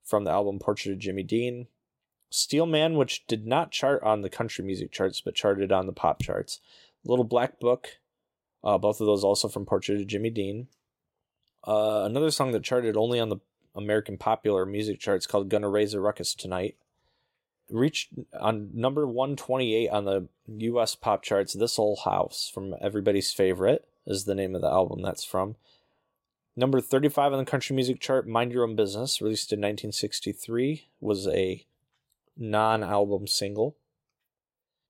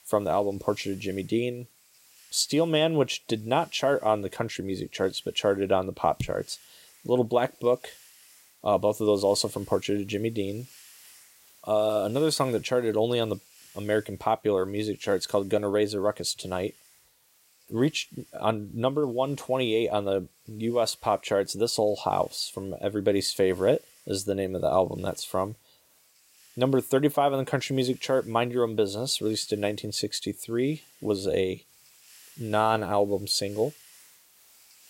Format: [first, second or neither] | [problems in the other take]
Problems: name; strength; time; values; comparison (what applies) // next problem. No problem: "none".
first | hiss; faint; throughout; 25 dB below the speech